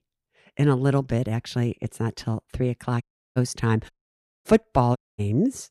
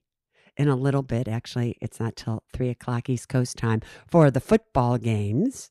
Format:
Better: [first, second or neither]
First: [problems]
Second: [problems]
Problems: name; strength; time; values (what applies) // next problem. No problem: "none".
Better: second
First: audio cutting out; at 3 s, at 4 s for 0.5 s and at 5 s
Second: none